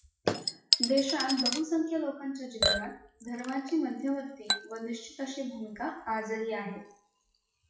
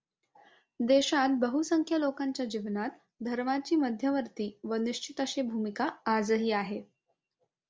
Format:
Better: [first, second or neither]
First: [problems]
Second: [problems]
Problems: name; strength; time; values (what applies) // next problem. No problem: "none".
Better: second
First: noise reduction (classical method WPE with log-MMSE)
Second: none